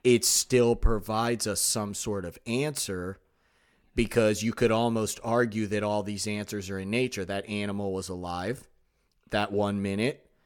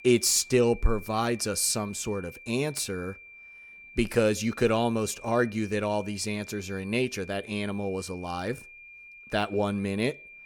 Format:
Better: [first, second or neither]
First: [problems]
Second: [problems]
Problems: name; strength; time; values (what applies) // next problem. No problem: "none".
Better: first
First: none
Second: high-pitched whine; noticeable; throughout; 2.5 kHz, 20 dB below the speech